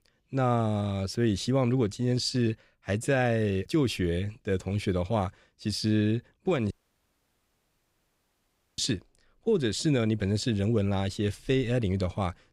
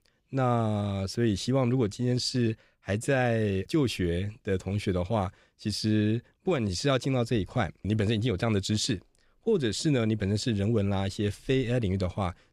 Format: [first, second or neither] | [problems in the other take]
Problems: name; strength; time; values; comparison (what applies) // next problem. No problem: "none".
second | audio cutting out; at 6.5 s for 2 s